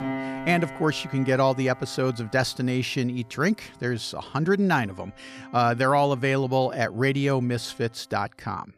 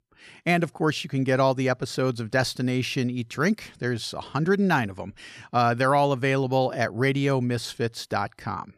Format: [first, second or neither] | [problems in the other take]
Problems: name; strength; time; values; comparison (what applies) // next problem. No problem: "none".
second | background music; noticeable; throughout; 15 dB below the speech